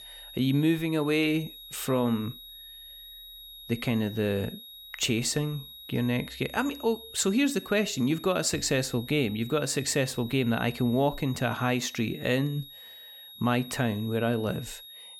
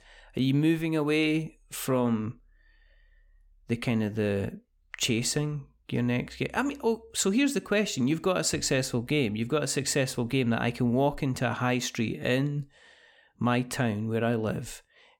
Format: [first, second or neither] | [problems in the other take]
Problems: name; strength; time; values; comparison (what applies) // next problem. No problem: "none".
second | high-pitched whine; noticeable; throughout; 4 kHz, 15 dB below the speech